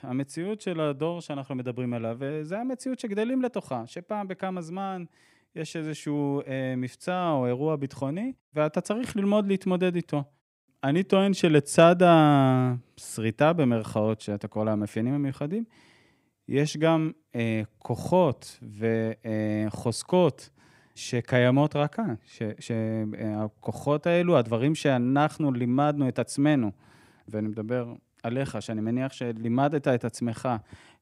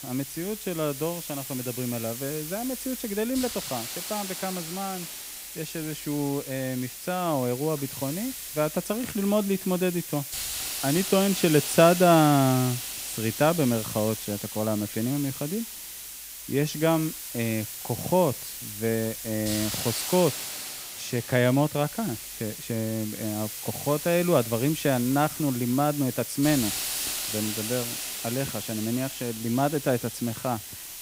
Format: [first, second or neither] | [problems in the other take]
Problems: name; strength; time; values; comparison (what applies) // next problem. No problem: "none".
first | hiss; loud; throughout; 6 dB below the speech